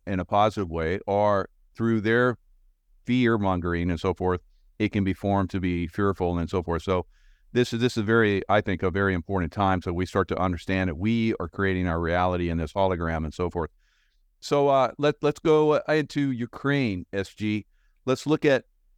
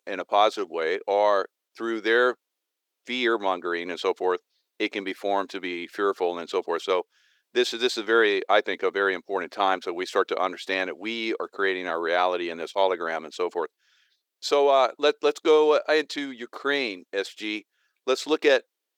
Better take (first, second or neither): first